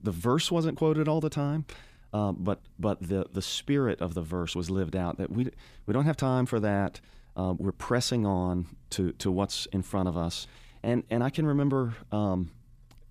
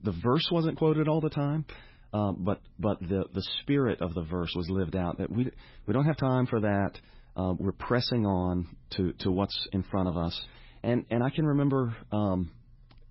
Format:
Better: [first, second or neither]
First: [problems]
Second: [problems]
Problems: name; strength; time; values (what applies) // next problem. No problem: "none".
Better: first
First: none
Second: garbled, watery; badly; nothing above 5.5 kHz